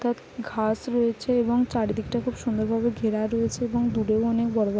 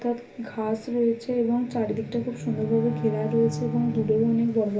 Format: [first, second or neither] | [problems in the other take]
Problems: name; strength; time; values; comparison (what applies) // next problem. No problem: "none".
first | background sound (Wind instrument, woodwind instrument); 10 dB below the speech // room echo; dies away in 0.3 s